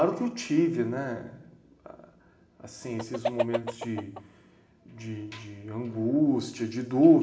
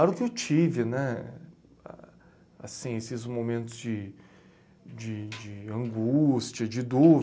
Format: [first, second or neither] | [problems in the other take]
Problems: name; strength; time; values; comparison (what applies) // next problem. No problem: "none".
second | background sound (Chicken, rooster); 6 dB below the speech // room echo; dies away in 1 s